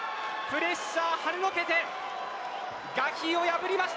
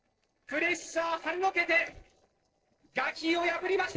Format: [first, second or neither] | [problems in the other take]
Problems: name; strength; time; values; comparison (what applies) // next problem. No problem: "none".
first | noise reduction (neural separator model SepFormer DNS4)